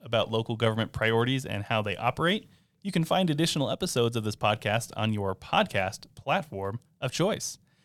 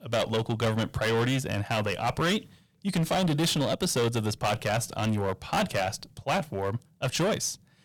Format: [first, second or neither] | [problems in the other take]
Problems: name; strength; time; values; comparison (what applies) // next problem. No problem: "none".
first | distortion; heavy; 15% of the sound clipped